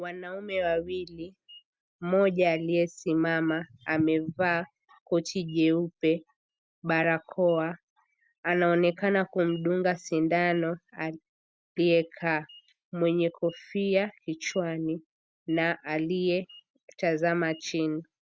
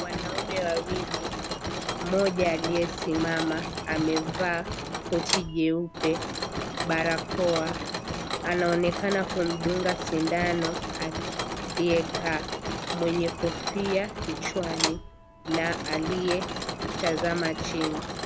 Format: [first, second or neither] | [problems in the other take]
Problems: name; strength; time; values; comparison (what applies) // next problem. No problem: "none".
first | background sound (Mechanisms); 3 dB below the speech